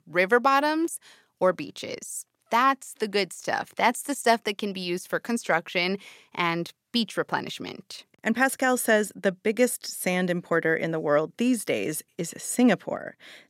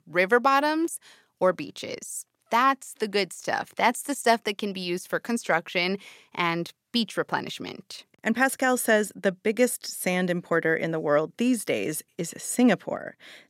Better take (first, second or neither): neither